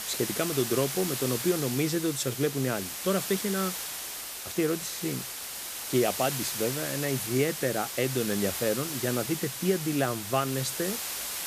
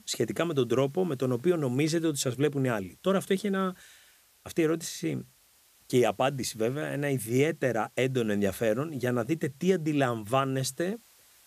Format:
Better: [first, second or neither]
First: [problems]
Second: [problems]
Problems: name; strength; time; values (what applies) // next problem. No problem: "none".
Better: second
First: hiss; loud; throughout; 3 dB below the speech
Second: hiss; faint; throughout; 30 dB below the speech